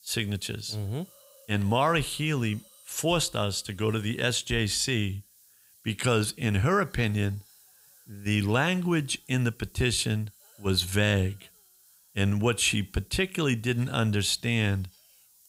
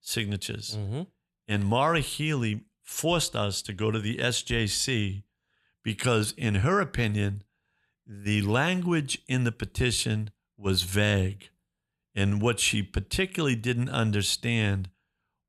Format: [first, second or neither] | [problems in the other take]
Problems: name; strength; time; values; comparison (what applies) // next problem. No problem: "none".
second | hiss; faint; throughout; 25 dB below the speech